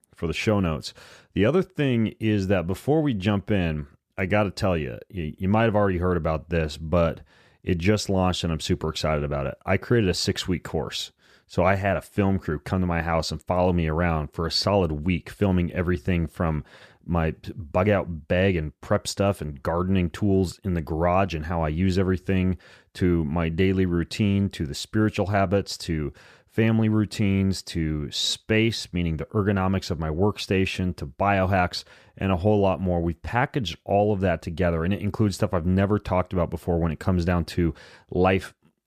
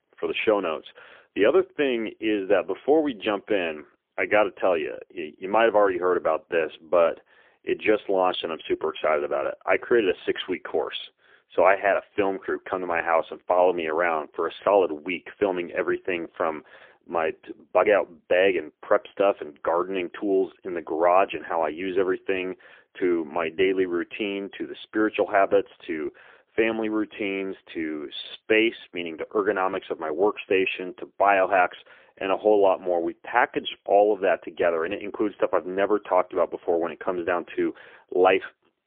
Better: first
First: none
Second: phone-call audio; poor line

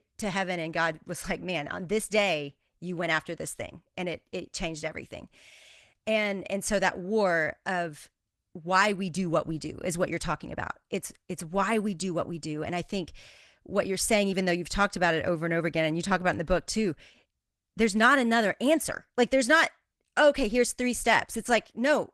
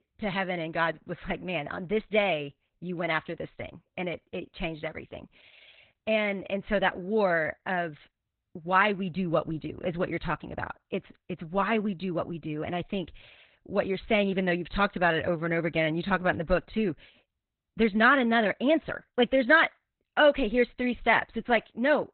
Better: first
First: garbled, watery; slightly; nothing above 14 kHz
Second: garbled, watery; badly; nothing above 4 kHz

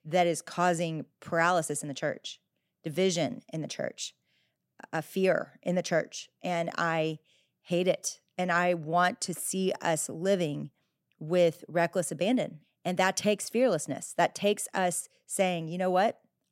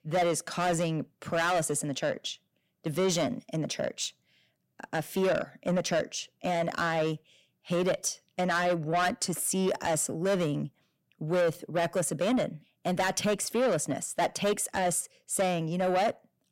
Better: first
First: none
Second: distortion; heavy; 8 dB below the speech

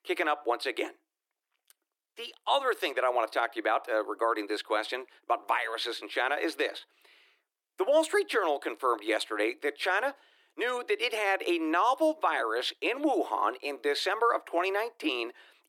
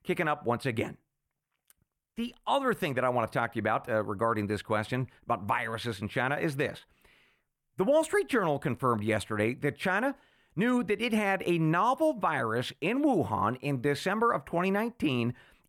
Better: second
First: thin; very; fading below 300 Hz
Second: none

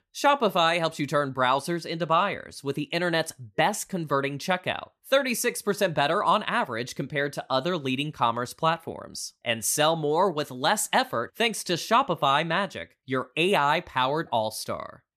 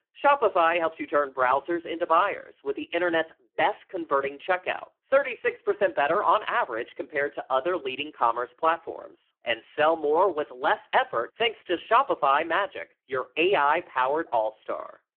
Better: first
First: none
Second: phone-call audio; poor line

